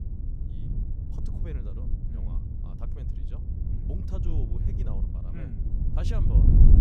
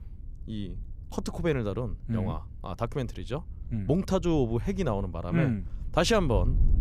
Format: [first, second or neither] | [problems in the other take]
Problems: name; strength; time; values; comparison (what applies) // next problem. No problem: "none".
second | wind noise on the microphone; heavy; 3 dB above the speech; occasional gusts in the second